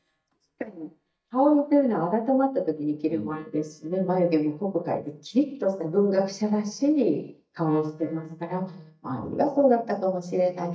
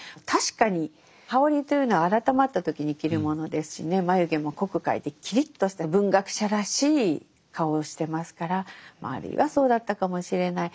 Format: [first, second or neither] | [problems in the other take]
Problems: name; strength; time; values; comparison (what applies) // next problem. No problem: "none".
second | noise reduction (neural mask model DeepFilterNet 3)